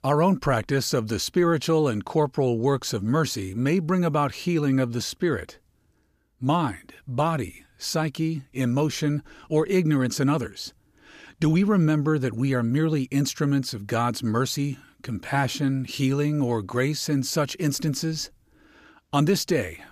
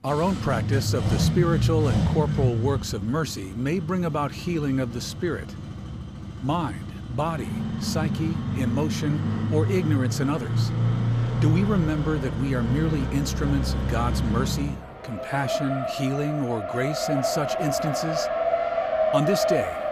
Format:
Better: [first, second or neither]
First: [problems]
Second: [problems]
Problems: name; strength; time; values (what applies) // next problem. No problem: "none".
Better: first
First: none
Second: traffic noise; very loud; throughout; as loud as the speech